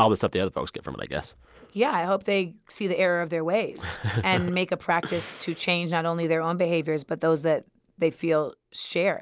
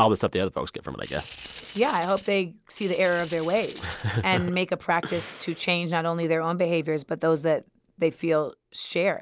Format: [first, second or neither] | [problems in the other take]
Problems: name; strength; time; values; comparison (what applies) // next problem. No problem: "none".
first | background sound (Tambourine); 18 dB below the speech